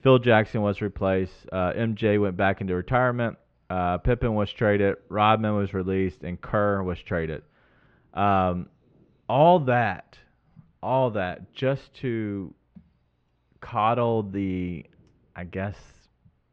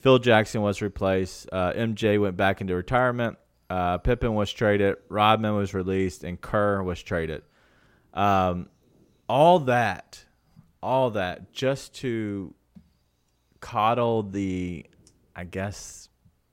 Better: second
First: muffled; very; fading above 3 kHz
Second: none

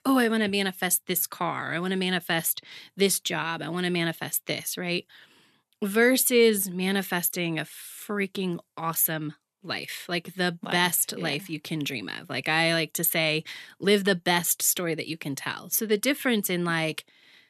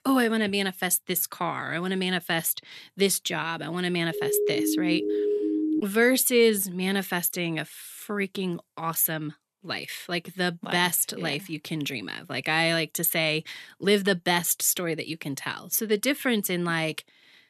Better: first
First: none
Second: siren; loud; from 4 to 6 s; peak level with the speech

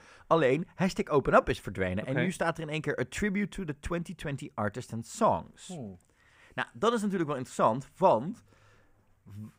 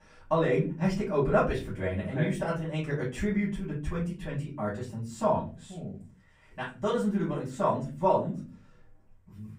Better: first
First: none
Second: off-mic speech; far // room echo; slight; dies away in 0.5 s

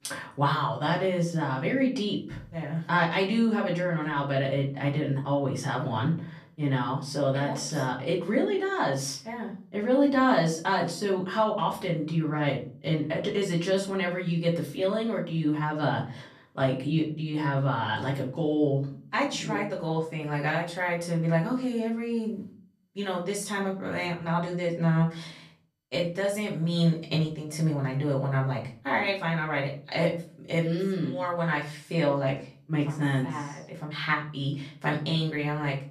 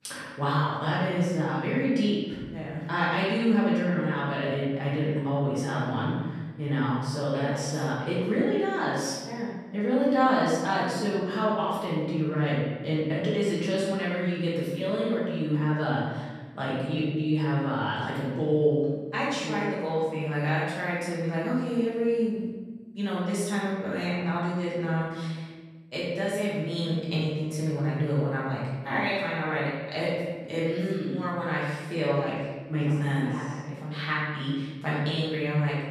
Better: first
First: room echo; slight; dies away in 0.4 s // off-mic speech; far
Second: room echo; strong; dies away in 1.2 s // off-mic speech; far

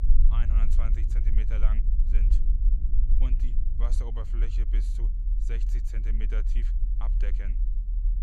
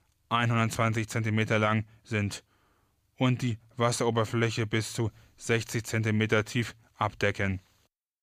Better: second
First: low rumble; loud; throughout; 5 dB below the speech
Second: none

